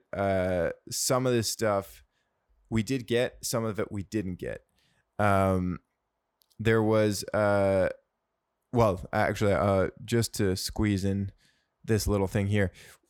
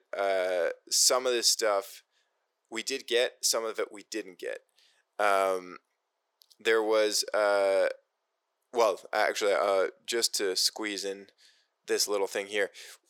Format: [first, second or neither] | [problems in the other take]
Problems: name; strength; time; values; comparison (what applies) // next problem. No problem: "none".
first | thin; very; fading below 400 Hz